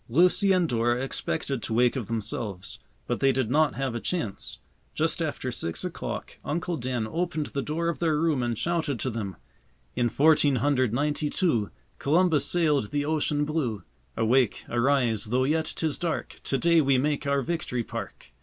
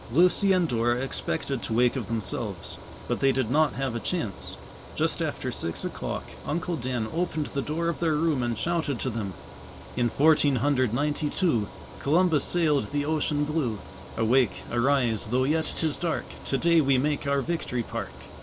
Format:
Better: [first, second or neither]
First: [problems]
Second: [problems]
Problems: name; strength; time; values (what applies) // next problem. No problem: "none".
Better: first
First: none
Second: background sound (Mechanical fan); 15 dB below the speech